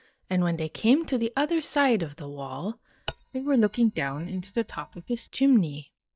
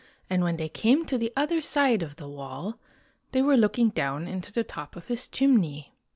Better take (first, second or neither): second